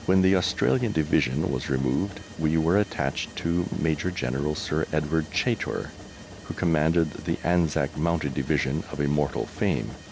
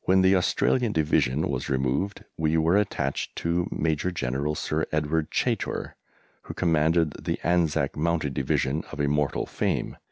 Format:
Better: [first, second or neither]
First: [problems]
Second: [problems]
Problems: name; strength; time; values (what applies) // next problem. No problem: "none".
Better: second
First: background sound (Mechanisms); 16 dB below the speech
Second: none